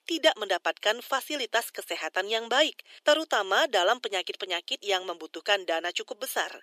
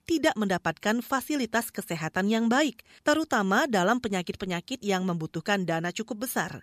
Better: second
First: thin; very; fading below 350 Hz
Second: none

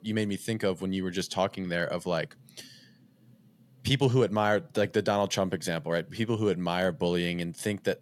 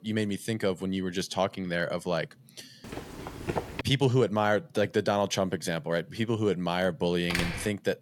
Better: first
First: none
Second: footsteps; noticeable; at 3 s; peak 5 dB below the speech // door banging; noticeable; at 7.5 s; peak 3 dB below the speech

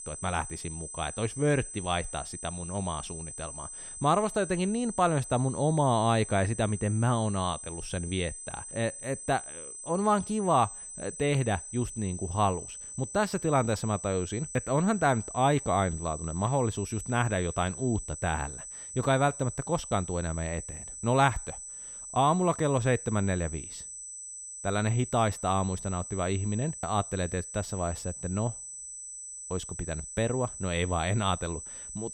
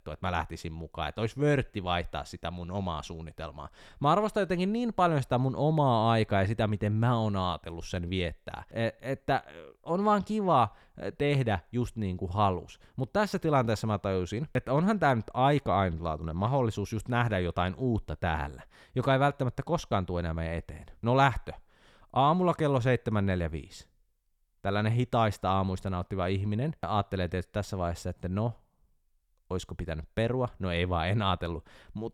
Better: second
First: high-pitched whine; loud; throughout; 8 kHz, 10 dB below the speech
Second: none

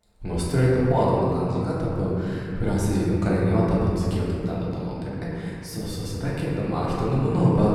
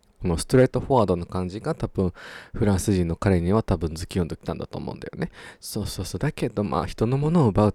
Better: second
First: room echo; strong; dies away in 2.5 s // off-mic speech; far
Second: none

